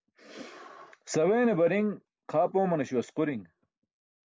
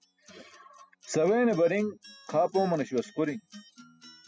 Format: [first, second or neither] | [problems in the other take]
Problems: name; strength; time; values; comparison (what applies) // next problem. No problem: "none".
first | noise reduction (classical method spectral subtraction)